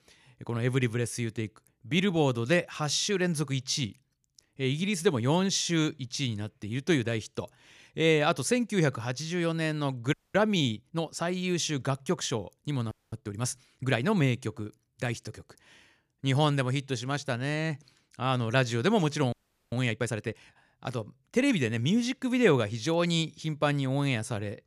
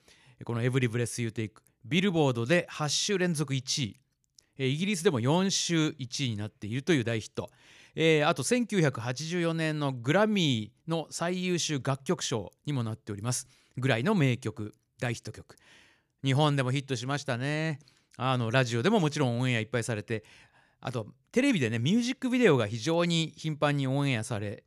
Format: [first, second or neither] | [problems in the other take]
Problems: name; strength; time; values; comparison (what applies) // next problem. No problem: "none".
second | audio freezing; at 10 s, at 13 s and at 19 s